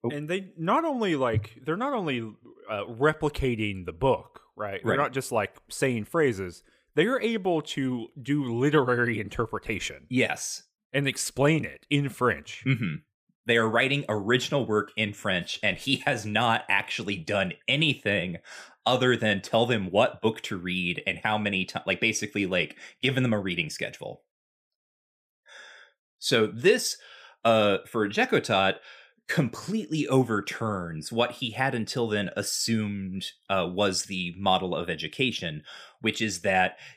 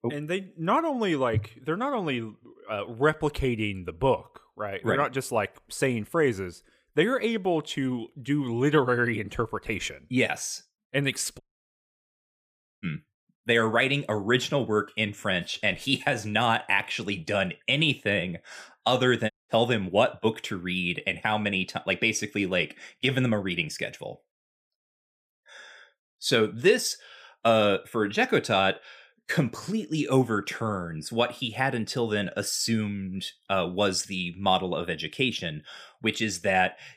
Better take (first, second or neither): first